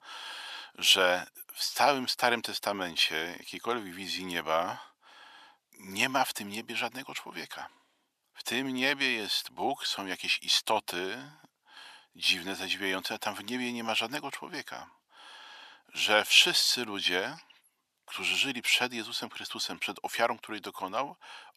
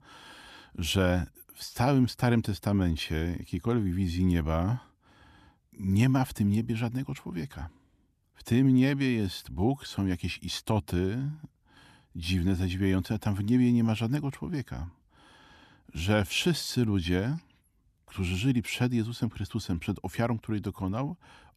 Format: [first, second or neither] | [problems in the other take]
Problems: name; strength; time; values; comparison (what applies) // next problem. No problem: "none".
second | thin; very; fading below 750 Hz